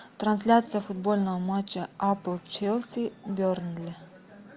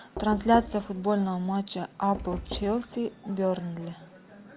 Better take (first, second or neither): first